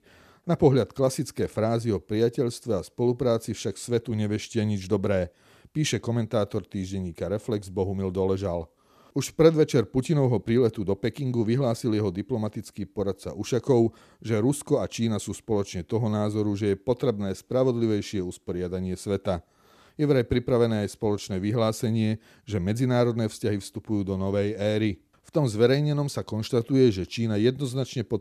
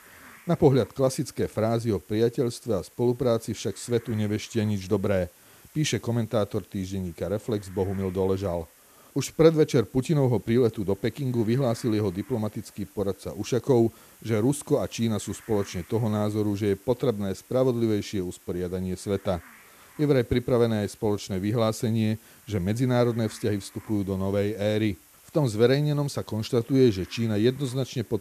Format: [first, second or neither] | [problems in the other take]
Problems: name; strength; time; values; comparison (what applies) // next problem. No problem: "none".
first | hiss; faint; throughout; 25 dB below the speech